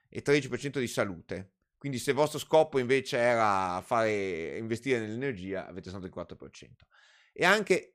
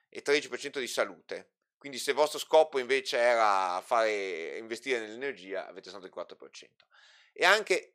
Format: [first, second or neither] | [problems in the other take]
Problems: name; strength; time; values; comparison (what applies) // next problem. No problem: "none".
first | thin; somewhat; fading below 500 Hz